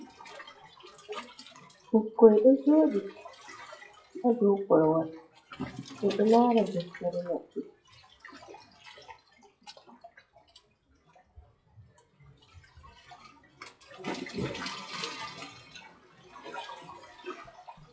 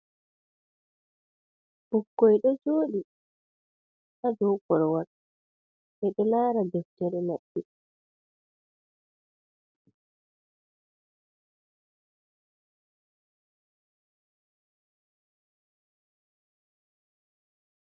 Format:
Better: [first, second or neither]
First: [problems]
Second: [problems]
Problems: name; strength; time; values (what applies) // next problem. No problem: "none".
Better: second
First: noise reduction (classical method WPE with log-MMSE)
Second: none